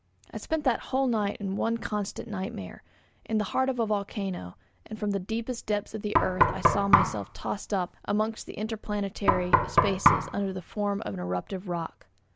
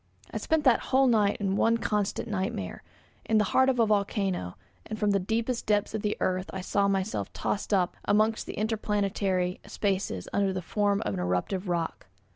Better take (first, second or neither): second